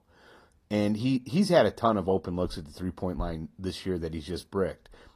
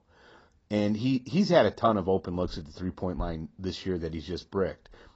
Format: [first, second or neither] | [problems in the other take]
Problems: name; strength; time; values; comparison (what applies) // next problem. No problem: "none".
first | garbled, watery; badly; nothing above 7.5 kHz; slightly in the first